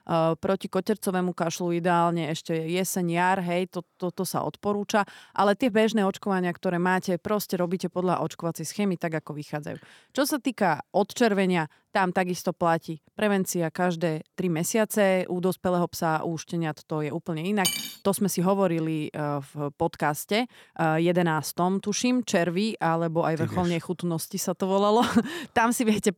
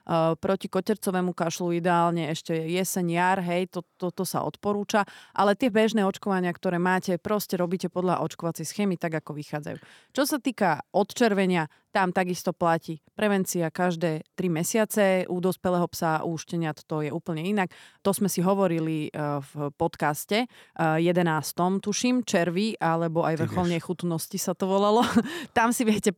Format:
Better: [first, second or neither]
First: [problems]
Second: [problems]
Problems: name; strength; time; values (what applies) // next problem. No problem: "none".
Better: second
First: clattering dishes; noticeable; at 18 s; peak 1 dB below the speech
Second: none